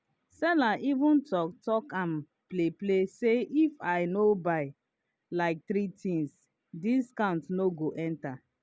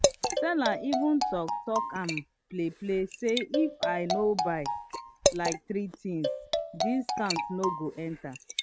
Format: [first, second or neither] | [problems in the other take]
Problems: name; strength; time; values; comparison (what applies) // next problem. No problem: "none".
first | noise reduction (neural mask model RNNoise)